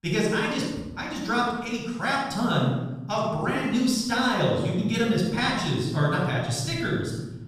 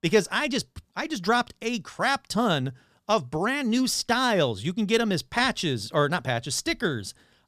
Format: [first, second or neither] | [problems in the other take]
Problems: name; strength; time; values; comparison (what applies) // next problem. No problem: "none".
second | off-mic speech; far // room echo; noticeable; dies away in 1.2 s